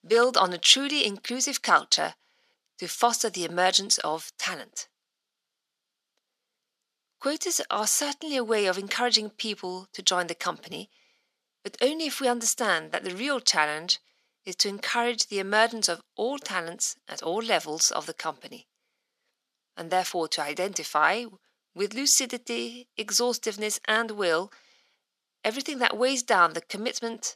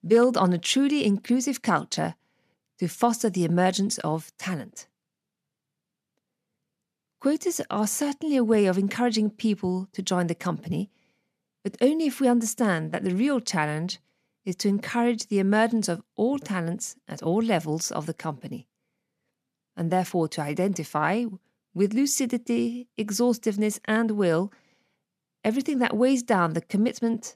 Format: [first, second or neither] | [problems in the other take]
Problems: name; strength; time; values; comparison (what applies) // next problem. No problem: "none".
second | thin; somewhat; fading below 500 Hz